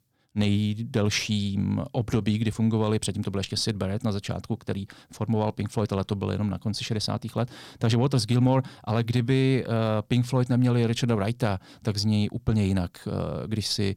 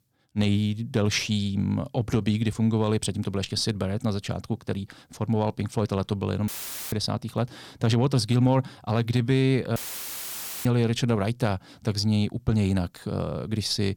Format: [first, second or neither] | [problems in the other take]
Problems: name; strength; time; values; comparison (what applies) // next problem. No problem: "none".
first | audio cutting out; filled with static; at 6.5 s and at 10 s for 1 s